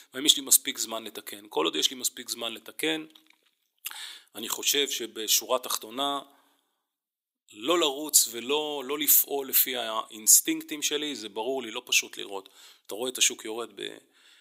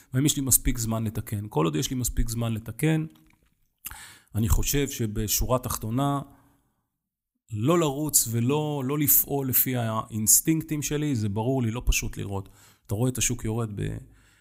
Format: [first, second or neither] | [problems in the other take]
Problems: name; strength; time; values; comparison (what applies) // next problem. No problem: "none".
second | thin; very; fading below 350 Hz